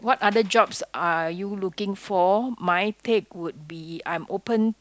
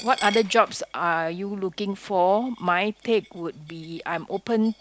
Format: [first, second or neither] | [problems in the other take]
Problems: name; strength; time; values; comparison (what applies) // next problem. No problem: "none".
first | background sound (Coin (dropping)); 18 dB below the speech